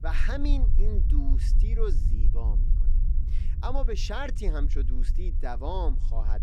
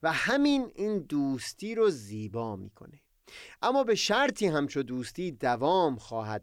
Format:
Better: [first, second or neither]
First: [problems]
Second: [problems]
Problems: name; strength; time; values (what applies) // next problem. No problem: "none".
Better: second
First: low rumble; noticeable; throughout; 10 dB below the speech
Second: none